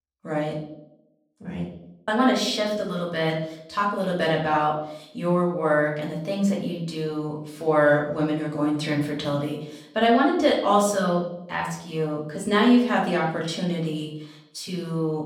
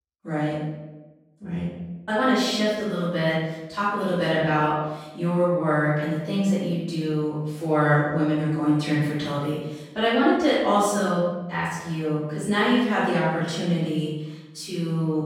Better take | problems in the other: first | room echo; strong; dies away in 1 s; slight in the first // off-mic speech; far; far in the first

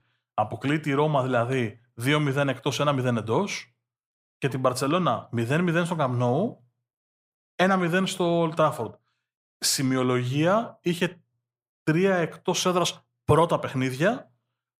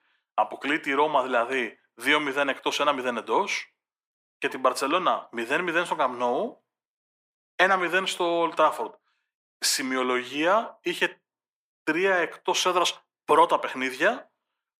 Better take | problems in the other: first | thin; somewhat; fading below 300 Hz

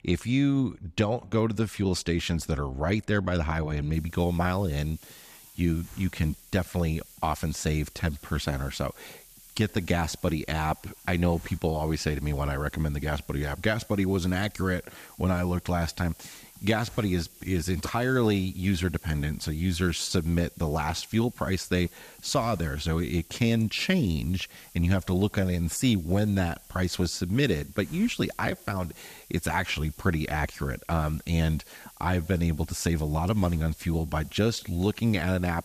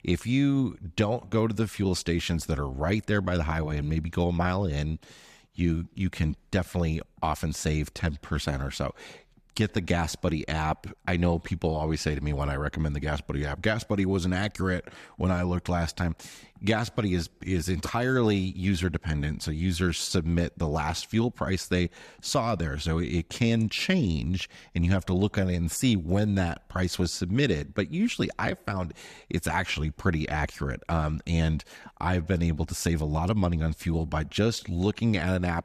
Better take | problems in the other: second | hiss; faint; from 4 s on; 20 dB below the speech

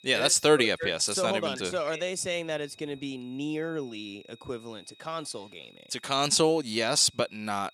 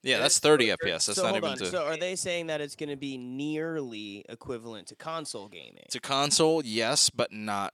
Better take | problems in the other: second | high-pitched whine; faint; throughout; 4 kHz, 30 dB below the speech

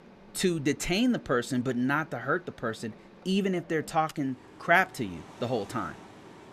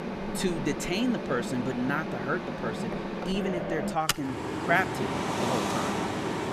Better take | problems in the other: first | machinery noise; loud; throughout; 1 dB below the speech; faint in the first

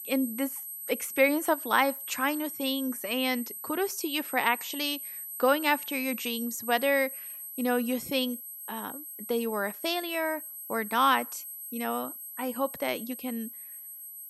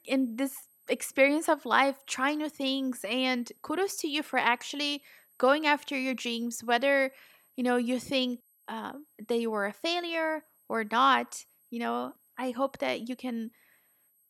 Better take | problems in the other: second | high-pitched whine; loud; throughout; 12 kHz, 8 dB below the speech; faint in the second

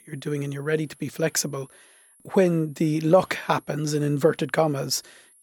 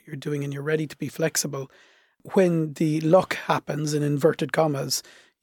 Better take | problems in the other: second | high-pitched whine; faint; throughout; 11 kHz, 30 dB below the speech

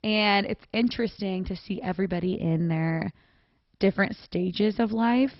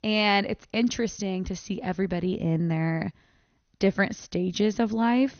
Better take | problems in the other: second | garbled, watery; badly; nothing above 5 kHz; slightly in the second

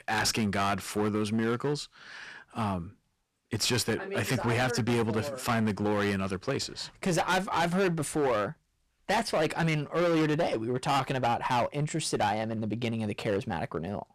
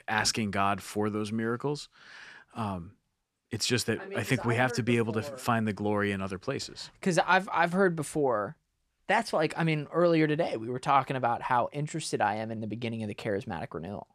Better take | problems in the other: second | distortion; heavy; 14% of the sound clipped

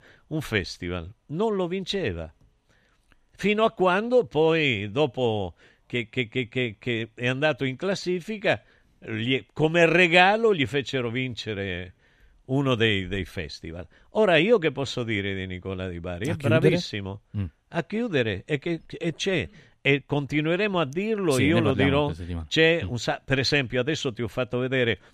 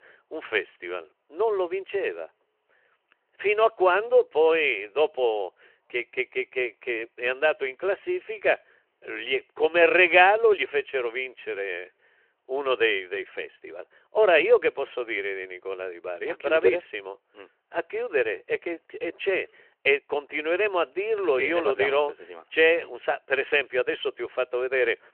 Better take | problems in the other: first | phone-call audio

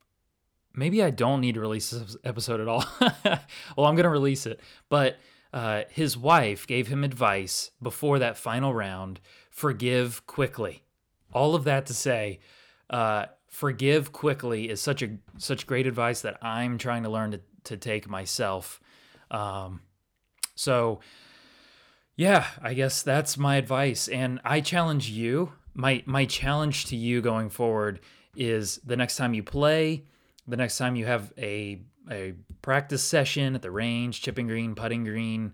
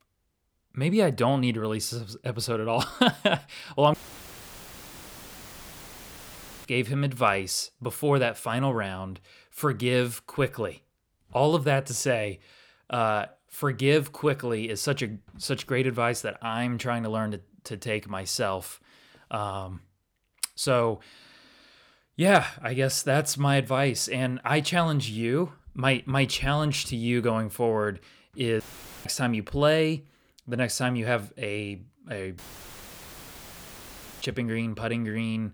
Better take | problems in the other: first | audio cutting out; filled with static; at 4 s for 2.5 s, at 29 s and at 32 s for 2 s

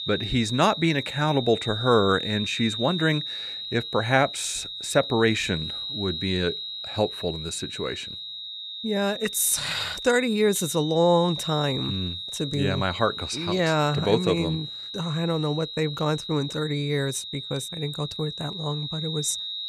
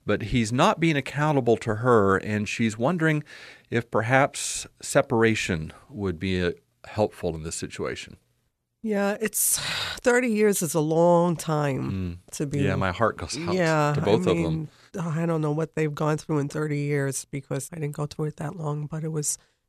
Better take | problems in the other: second | high-pitched whine; loud; throughout; 4 kHz, 6 dB below the speech

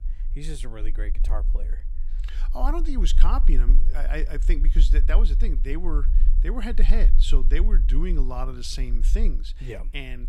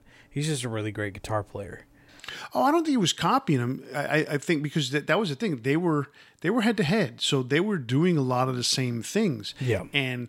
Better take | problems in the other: second | low rumble; noticeable; throughout; 15 dB below the speech

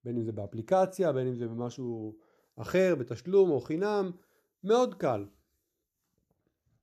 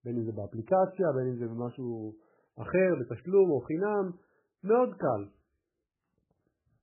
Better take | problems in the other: first | garbled, watery; badly; nothing above 2.5 kHz

